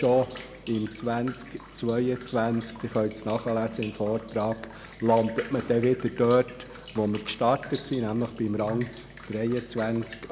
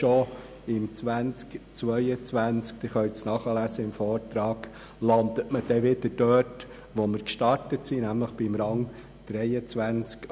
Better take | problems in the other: second | background sound (Drip); 19 dB below the speech

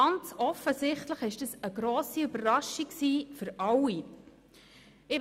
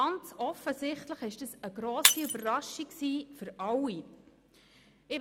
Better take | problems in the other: first | background sound (Shatter); 1 dB above the speech

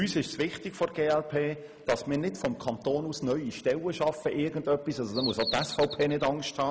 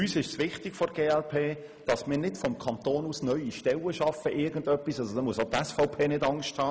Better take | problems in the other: second | background sound (Bird vocalization, bird call, bird song); 8 dB below the speech

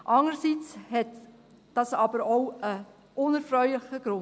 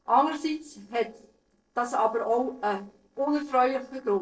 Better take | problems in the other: first | noise reduction (neural separator model SepFormer DNS4)

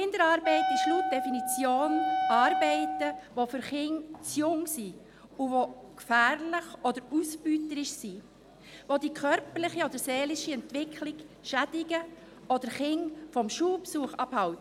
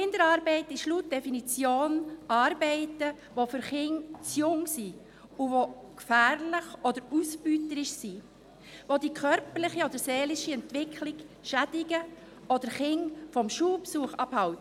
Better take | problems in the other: second | background sound (Wind instrument, woodwind instrument); as loud as the speech

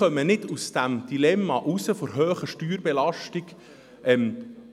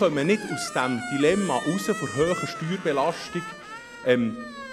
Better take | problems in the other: first | background sound (Squeak); 11 dB below the speech

